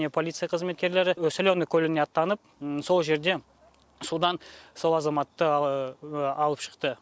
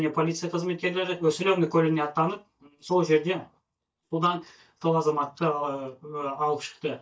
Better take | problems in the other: first | noise reduction (neural mask model DeepFilterNet 3)

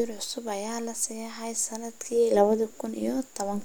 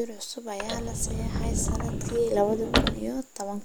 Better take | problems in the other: first | background sound (Sliding door / Slam / Wood); 2 dB above the speech

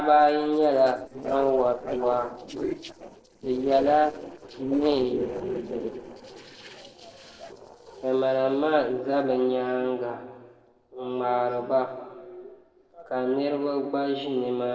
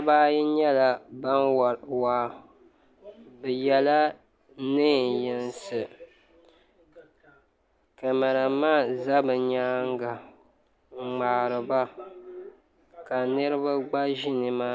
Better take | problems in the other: second | noise reduction (neural separator model SepFormer DNS4)

